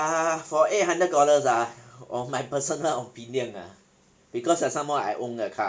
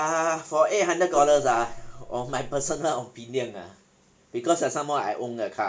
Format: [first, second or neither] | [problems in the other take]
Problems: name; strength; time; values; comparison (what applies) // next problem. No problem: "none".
first | background sound (Gong); 11 dB below the speech